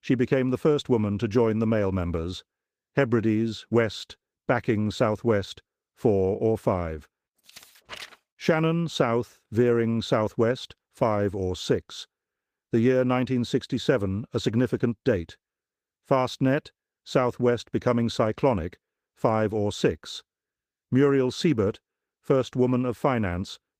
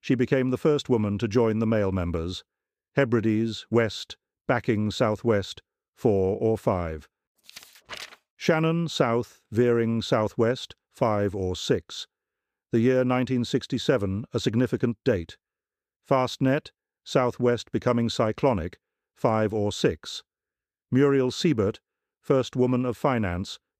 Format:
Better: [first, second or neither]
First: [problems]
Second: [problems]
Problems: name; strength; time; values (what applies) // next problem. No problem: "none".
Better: second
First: garbled, watery; slightly; nothing above 15 kHz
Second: none